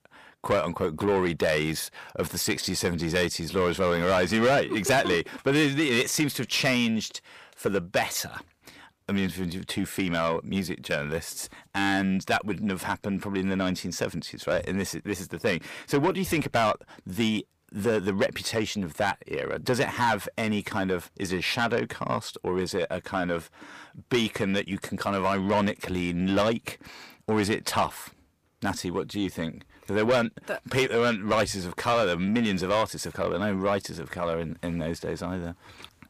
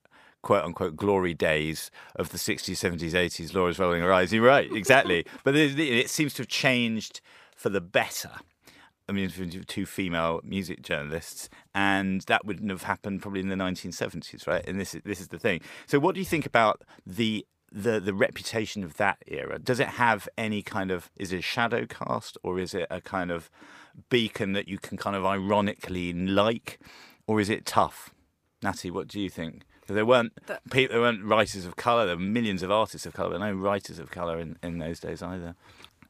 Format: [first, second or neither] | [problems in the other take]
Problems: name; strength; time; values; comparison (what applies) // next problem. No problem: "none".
second | distortion; heavy; 8 dB below the speech